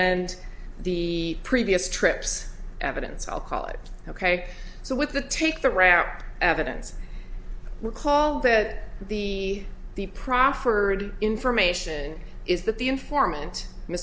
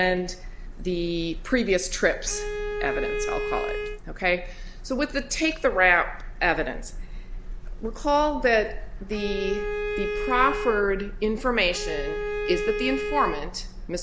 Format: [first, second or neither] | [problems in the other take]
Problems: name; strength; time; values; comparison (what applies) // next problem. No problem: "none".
first | background sound (Bowed string instrument); 5 dB below the speech